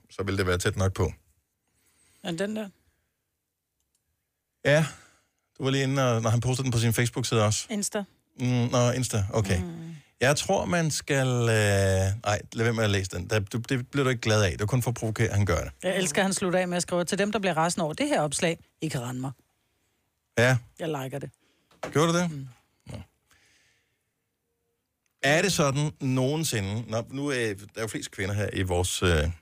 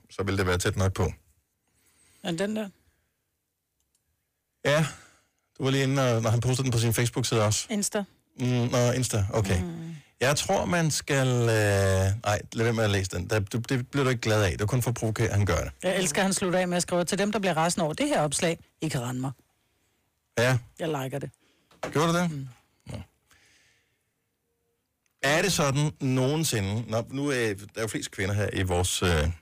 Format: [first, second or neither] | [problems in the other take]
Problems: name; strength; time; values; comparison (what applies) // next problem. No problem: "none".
first | distortion; slight; 8% of the sound clipped